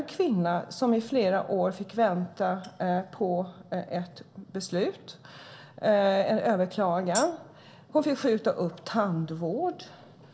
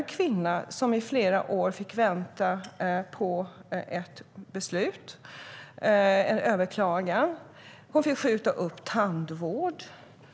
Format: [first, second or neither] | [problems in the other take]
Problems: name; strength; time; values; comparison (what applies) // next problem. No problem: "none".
second | background sound (Tambourine); 11 dB below the speech // room echo; dies away in 0.3 s